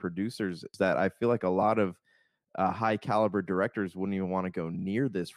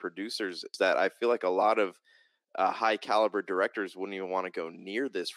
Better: first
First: none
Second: thin; somewhat; fading below 300 Hz

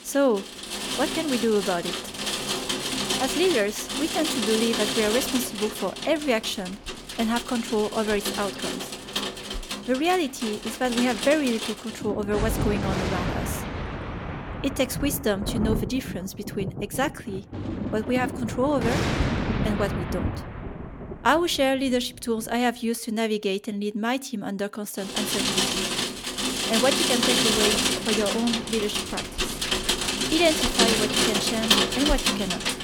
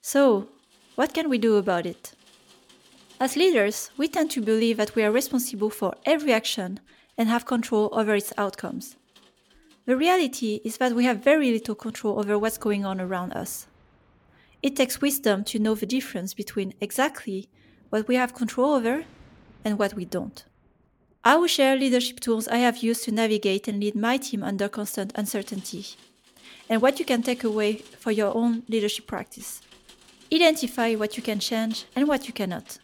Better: second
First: rain or running water; loud; throughout; as loud as the speech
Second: rain or running water; faint; throughout; 30 dB below the speech

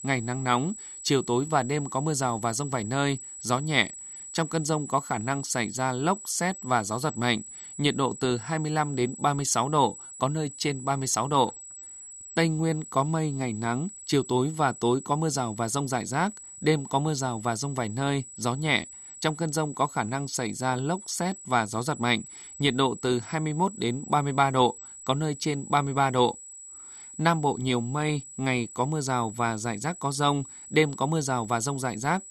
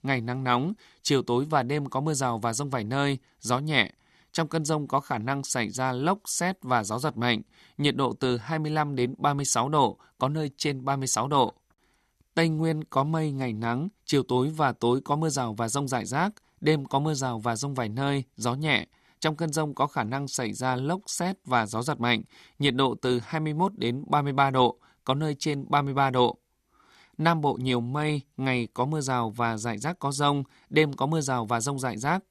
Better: second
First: high-pitched whine; noticeable; throughout; 8 kHz, 15 dB below the speech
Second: none

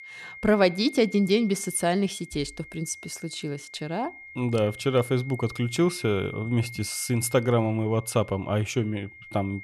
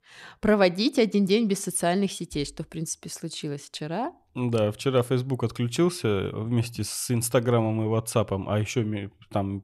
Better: second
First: high-pitched whine; noticeable; throughout; 2 kHz, 15 dB below the speech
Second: none

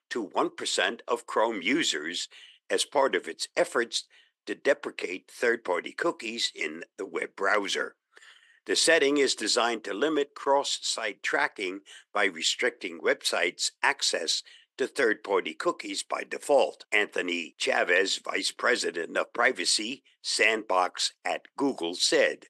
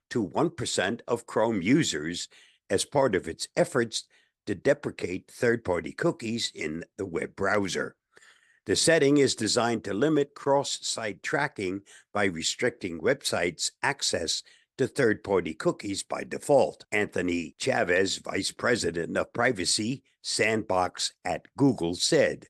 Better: second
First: thin; somewhat; fading below 300 Hz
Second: none

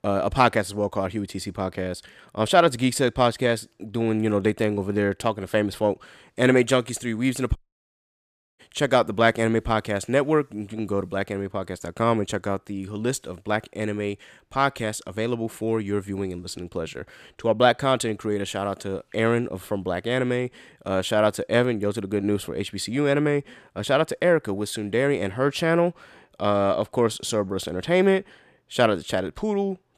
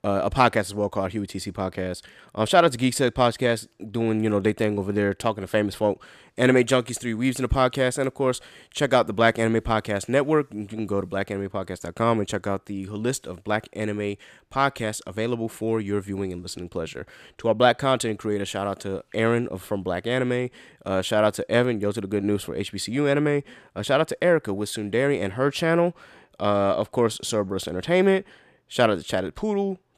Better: second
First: audio cutting out; at 7.5 s for 1 s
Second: none

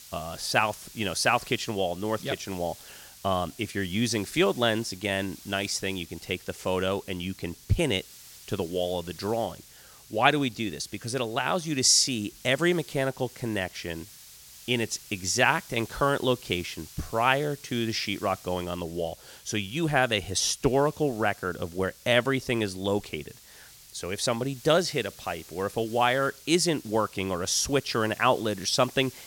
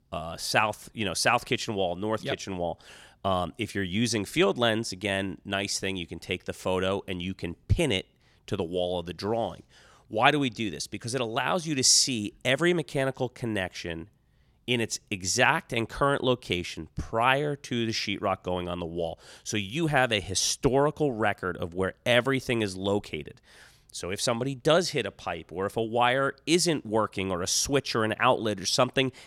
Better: second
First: hiss; noticeable; throughout; 20 dB below the speech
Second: none

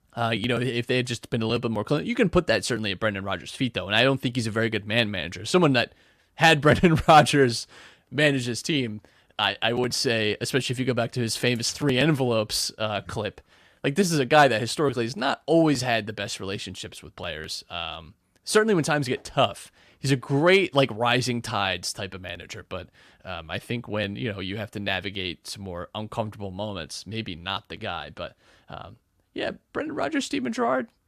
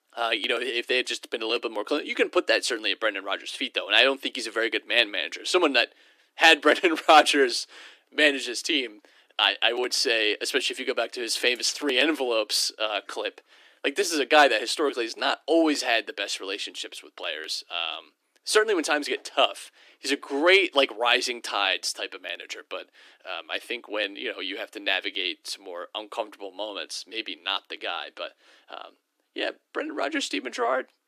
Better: first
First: none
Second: thin; somewhat; fading below 300 Hz

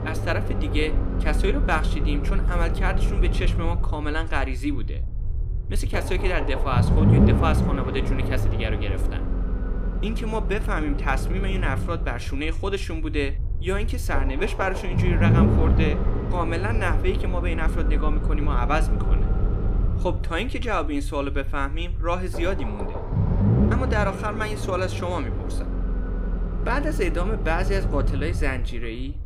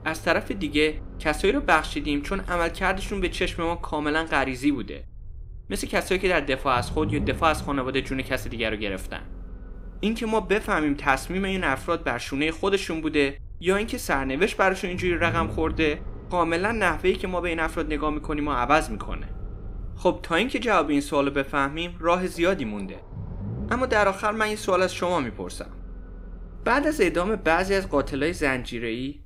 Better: second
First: low rumble; loud; throughout; 6 dB below the speech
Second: low rumble; faint; throughout; 25 dB below the speech

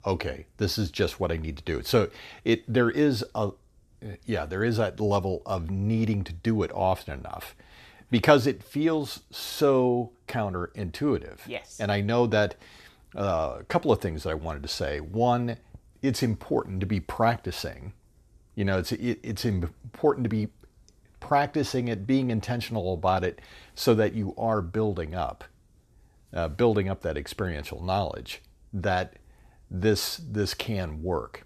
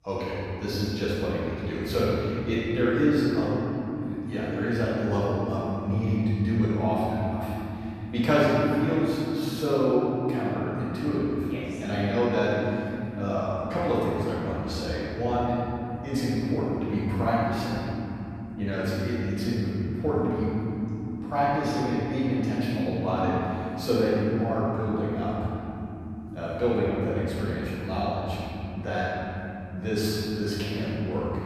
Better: first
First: none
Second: room echo; strong; dies away in 3 s // off-mic speech; far

